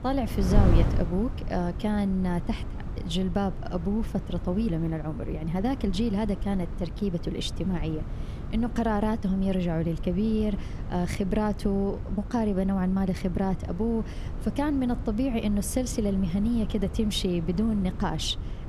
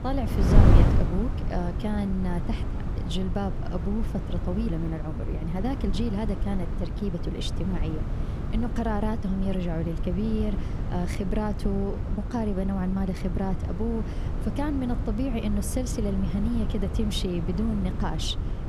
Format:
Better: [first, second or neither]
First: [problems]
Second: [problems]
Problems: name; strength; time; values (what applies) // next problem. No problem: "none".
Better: first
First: wind noise on the microphone; occasional gusts; 10 dB below the speech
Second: wind noise on the microphone; heavy; 5 dB below the speech